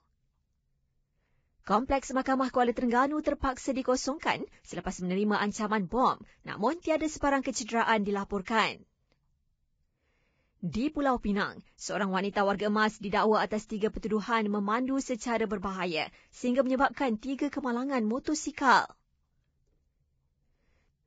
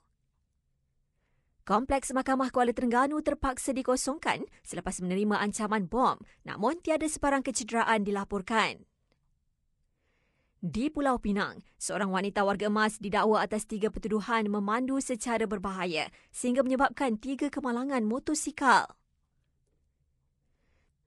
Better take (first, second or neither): second